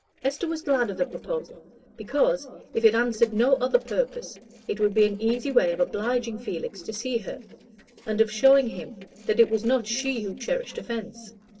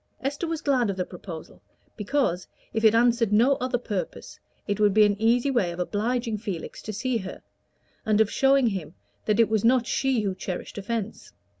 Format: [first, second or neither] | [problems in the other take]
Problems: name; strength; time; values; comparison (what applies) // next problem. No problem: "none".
second | noise reduction (neural separator model SepFormer DNS4)